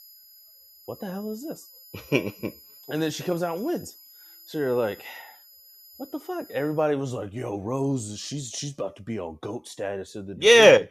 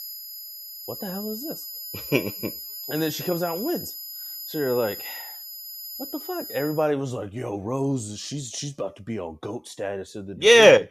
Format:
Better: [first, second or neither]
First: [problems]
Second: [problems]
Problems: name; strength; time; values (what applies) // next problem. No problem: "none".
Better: first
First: high-pitched whine; faint; until 7 s; 11.5 kHz, 20 dB below the speech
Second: high-pitched whine; loud; until 7 s; 11.5 kHz, 10 dB below the speech